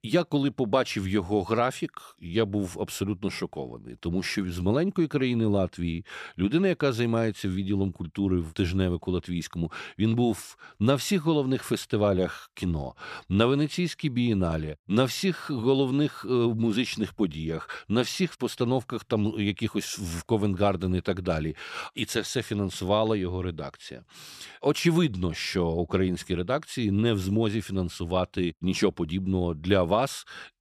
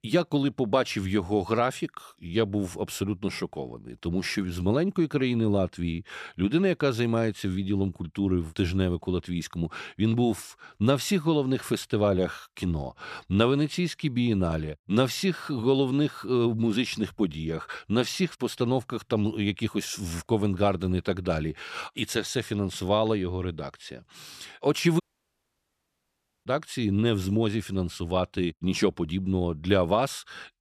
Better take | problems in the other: first | audio cutting out; at 25 s for 1.5 s

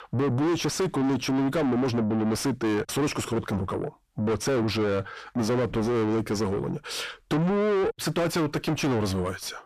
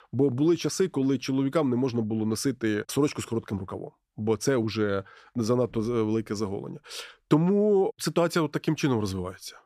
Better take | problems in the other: second | distortion; heavy; 6 dB below the speech

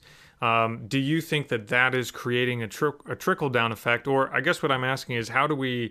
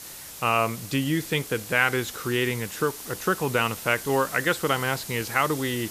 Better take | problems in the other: first | hiss; noticeable; throughout; 10 dB below the speech

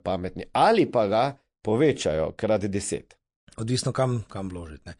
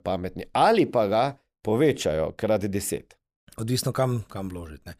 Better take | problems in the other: second | garbled, watery; slightly

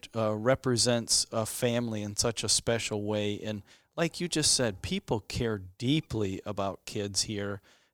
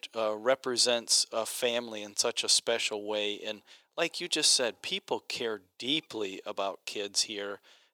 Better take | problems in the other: first | thin; somewhat; fading below 450 Hz

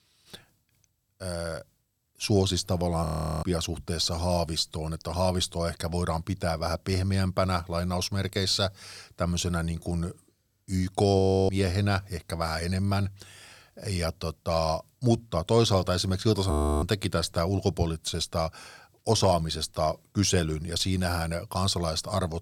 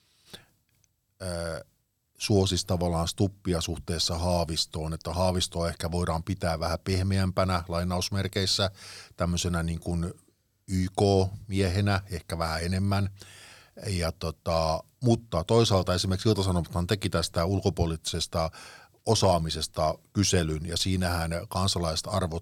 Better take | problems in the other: second | audio freezing; at 3 s, at 11 s and at 17 s

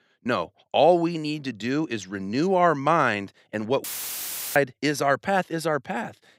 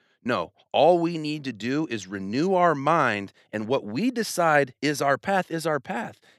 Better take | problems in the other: second | audio cutting out; filled with static; at 4 s for 0.5 s

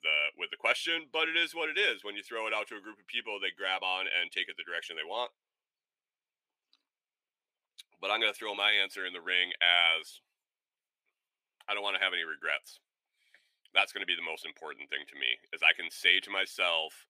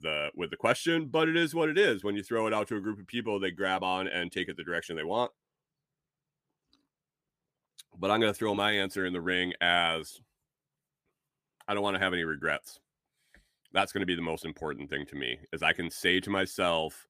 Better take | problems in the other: second | thin; very; fading below 600 Hz

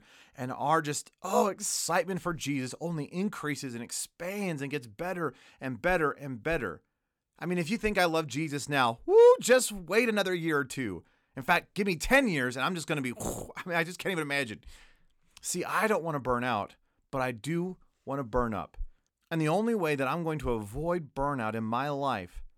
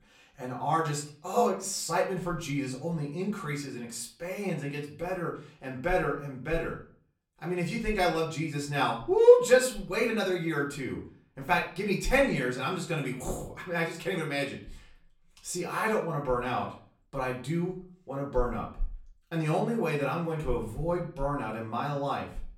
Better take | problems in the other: first | room echo; slight; dies away in 0.4 s // off-mic speech; far

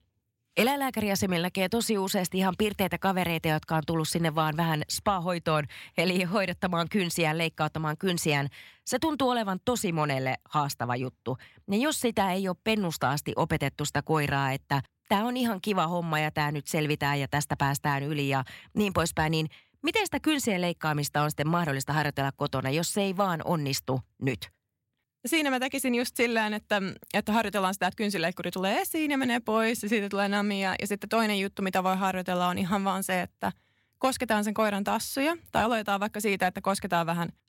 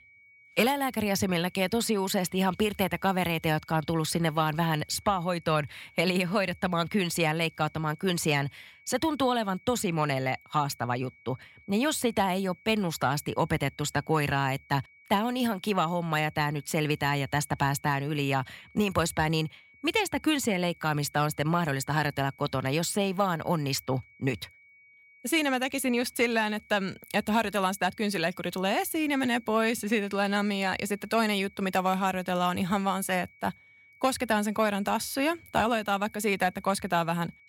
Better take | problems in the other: first | high-pitched whine; faint; throughout; 2.5 kHz, 25 dB below the speech

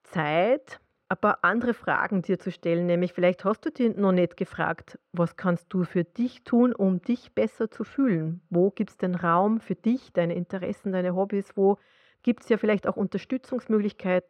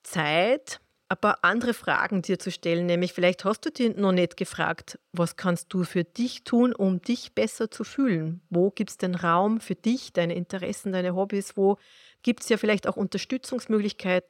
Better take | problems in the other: second | muffled; very; fading above 3.5 kHz

